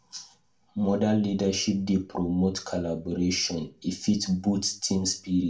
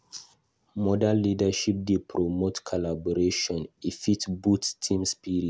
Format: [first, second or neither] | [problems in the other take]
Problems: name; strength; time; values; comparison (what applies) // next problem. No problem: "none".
second | room echo; dies away in 0.2 s